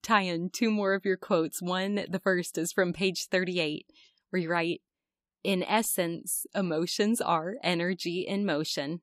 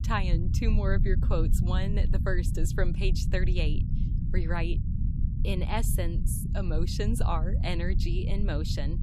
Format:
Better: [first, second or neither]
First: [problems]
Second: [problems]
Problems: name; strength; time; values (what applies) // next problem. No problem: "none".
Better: first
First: none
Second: low rumble; loud; throughout; 8 dB below the speech